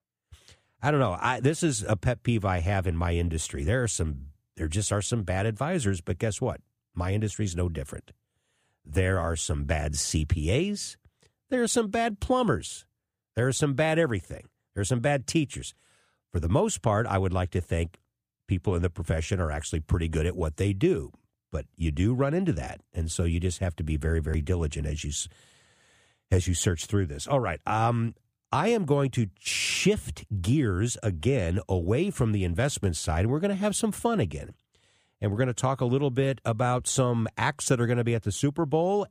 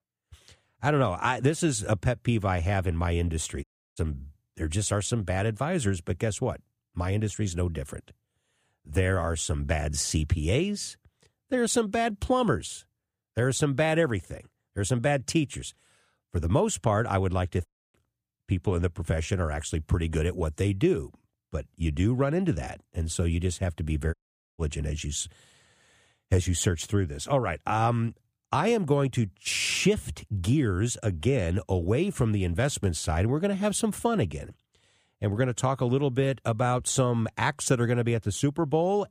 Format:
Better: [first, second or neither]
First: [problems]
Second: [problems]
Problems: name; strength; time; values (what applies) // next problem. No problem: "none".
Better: first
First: none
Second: audio cutting out; at 3.5 s, at 18 s and at 24 s